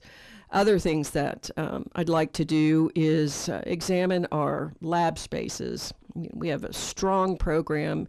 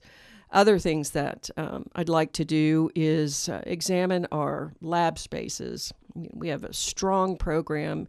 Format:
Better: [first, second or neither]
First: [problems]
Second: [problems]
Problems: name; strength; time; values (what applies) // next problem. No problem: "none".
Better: second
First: distortion; slight; 10 dB below the speech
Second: none